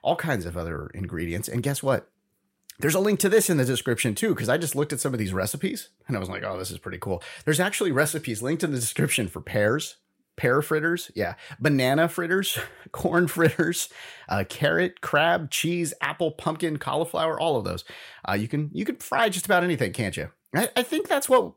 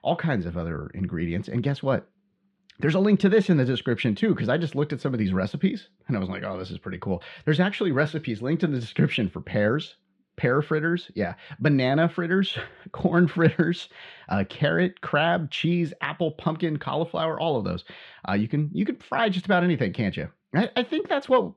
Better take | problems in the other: first | muffled; slightly; fading above 4 kHz

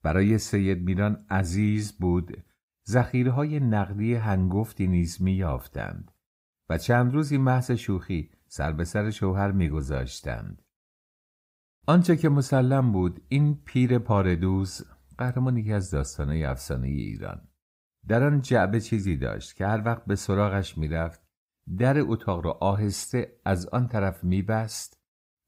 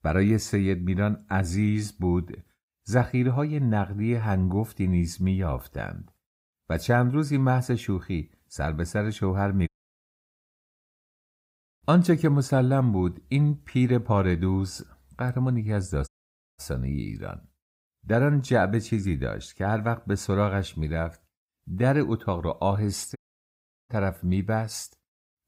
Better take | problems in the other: first | audio cutting out; at 9.5 s for 1.5 s, at 16 s for 0.5 s and at 23 s for 0.5 s

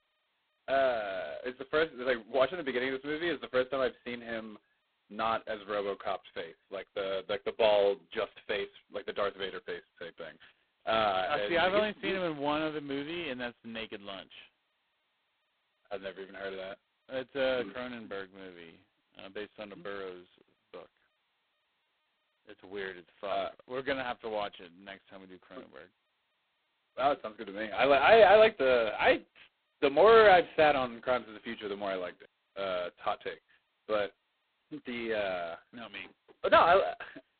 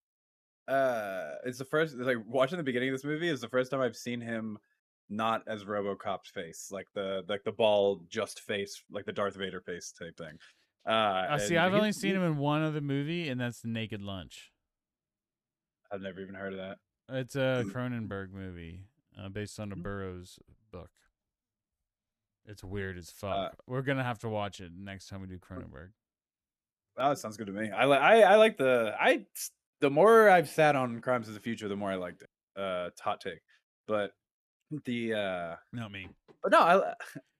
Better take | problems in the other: second | phone-call audio; poor line; nothing above 4 kHz

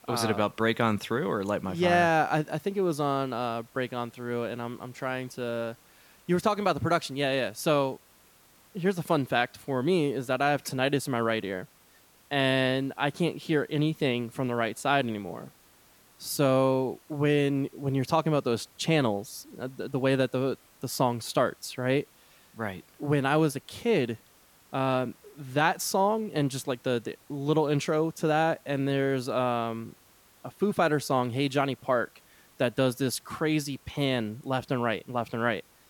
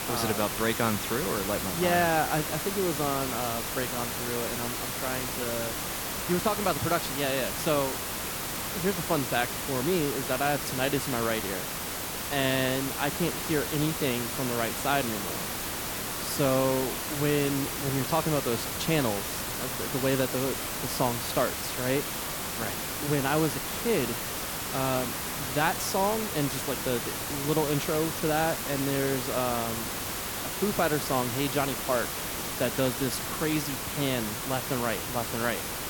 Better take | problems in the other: first | hiss; loud; throughout; 1 dB below the speech; faint in the first

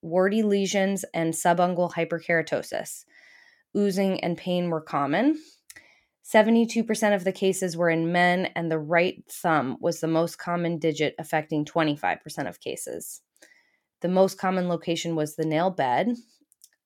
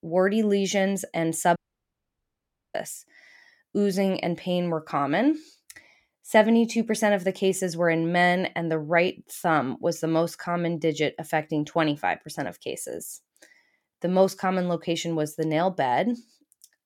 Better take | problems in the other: first | audio cutting out; at 1.5 s for 1 s

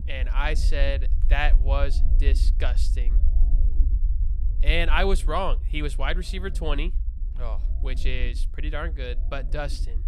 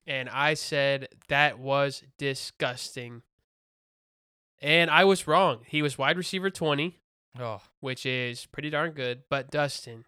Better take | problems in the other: second | low rumble; noticeable; throughout; 20 dB below the speech

